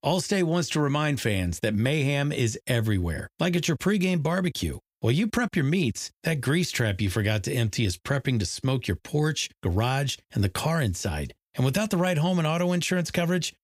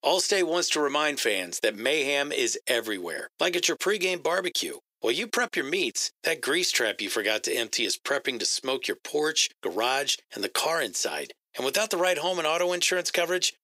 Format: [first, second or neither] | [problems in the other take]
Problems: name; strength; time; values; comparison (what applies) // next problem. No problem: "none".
first | thin; very; fading below 400 Hz